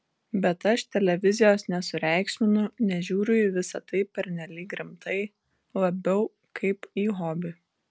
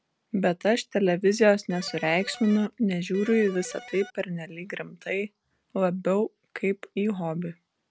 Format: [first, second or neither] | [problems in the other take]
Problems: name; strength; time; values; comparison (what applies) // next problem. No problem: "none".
first | background sound (Electric guitar); 17 dB below the speech